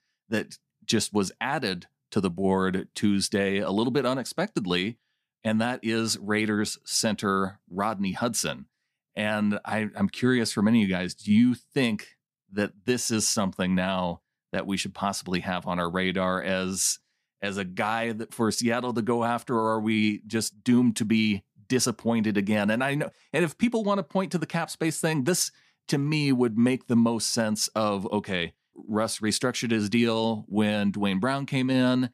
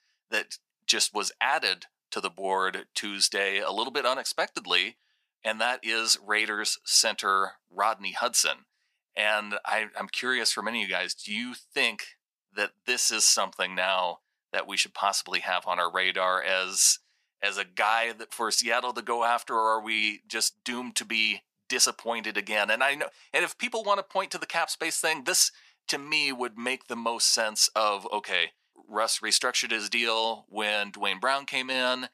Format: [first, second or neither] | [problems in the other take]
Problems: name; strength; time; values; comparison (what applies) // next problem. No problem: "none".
first | thin; very; fading below 800 Hz